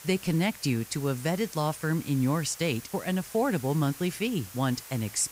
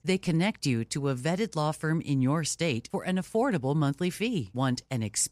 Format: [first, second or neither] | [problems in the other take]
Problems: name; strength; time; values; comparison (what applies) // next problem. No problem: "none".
second | hiss; noticeable; throughout; 15 dB below the speech